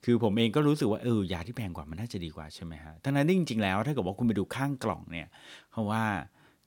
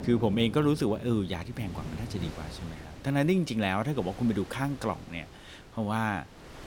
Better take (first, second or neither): first